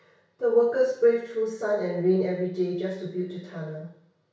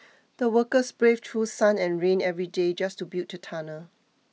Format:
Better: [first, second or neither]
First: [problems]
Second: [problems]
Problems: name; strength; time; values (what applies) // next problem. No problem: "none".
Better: second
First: room echo; dies away in 0.6 s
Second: none